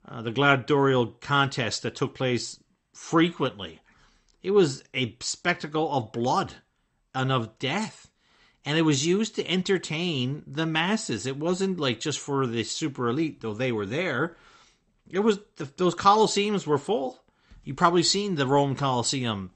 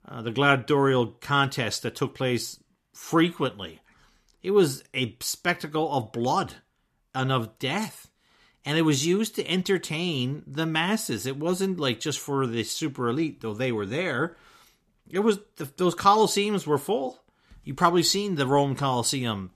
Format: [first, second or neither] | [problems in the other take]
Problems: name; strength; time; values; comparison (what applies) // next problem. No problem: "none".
second | garbled, watery; slightly; nothing above 8 kHz